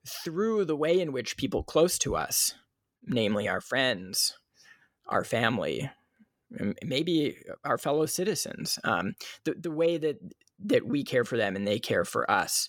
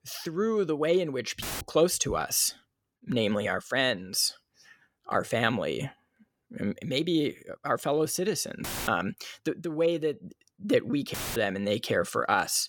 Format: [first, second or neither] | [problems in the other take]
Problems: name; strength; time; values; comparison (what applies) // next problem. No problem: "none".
first | audio cutting out; filled with static; at 1.5 s, at 8.5 s and at 11 s